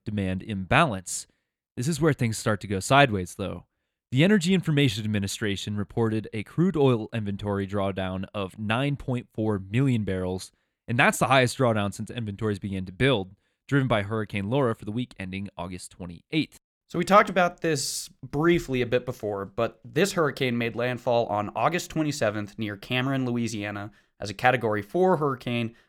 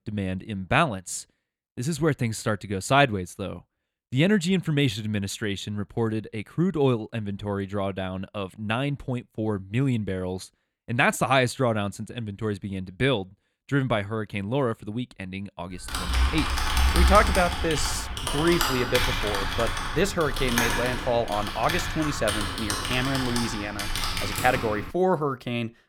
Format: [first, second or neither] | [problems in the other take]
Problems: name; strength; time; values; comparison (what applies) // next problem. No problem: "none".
first | keyboard typing; loud; from 16 to 25 s; peak 5 dB above the speech